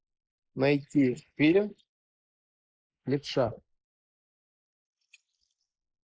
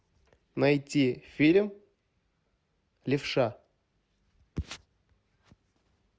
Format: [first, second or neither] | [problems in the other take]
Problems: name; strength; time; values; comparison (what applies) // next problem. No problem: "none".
second | noise reduction (neural mask model Resemble Enhance denoiser)